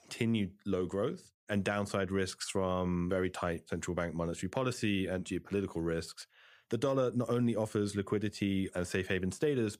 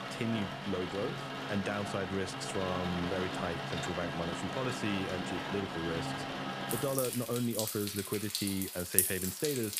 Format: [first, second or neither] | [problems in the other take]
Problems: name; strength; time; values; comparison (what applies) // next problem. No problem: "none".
first | rain or running water; very loud; throughout; as loud as the speech